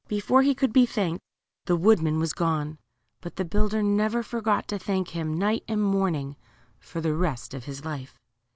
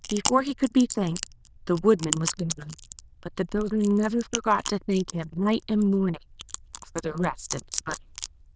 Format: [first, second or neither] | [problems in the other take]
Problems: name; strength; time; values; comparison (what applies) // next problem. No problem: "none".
first | noise reduction (neural diffusion model UNIVERSE++)